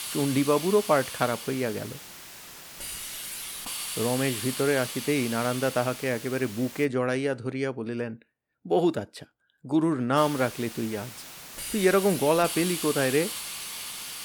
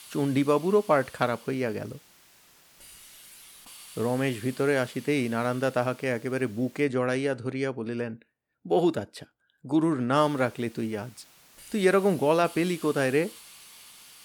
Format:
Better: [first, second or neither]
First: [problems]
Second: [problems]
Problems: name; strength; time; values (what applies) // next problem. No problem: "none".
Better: second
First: hiss; loud; until 7 s and from 10 s on; 8 dB below the speech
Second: hiss; faint; until 7 s and from 10 s on; 20 dB below the speech